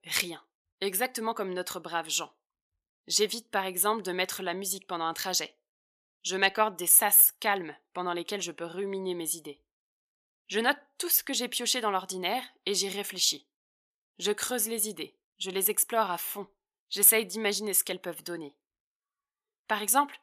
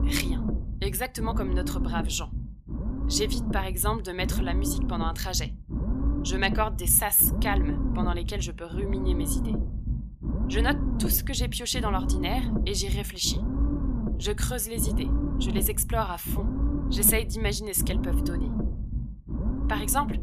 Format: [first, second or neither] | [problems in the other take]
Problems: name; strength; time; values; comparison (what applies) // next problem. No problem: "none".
first | low rumble; loud; throughout; 9 dB below the speech